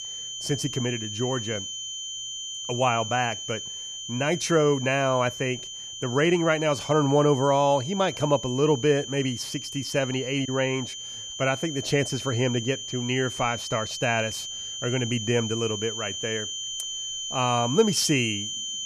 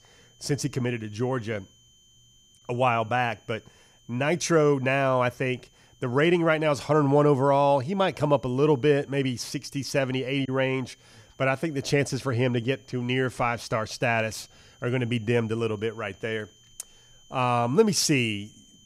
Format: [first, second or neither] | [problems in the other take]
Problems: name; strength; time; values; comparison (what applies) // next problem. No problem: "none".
second | high-pitched whine; loud; throughout; 3 kHz, 7 dB below the speech; faint in the second